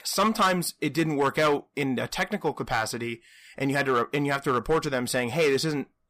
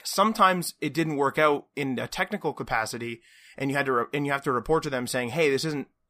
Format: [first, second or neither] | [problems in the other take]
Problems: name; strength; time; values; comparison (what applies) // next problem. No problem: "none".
second | distortion; slight; 5% of the sound clipped